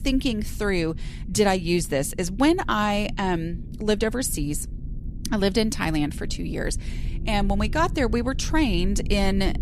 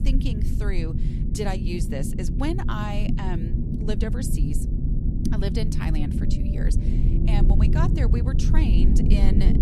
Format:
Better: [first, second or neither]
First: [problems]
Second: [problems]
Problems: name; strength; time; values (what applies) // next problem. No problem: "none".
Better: first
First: low rumble; faint; throughout; 20 dB below the speech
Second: low rumble; loud; throughout; 2 dB below the speech